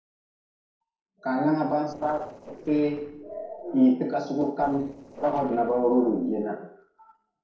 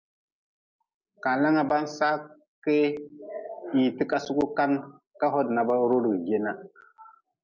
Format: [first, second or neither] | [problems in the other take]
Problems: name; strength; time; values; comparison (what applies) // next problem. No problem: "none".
second | noise reduction (neural separator model SepFormer DNS4)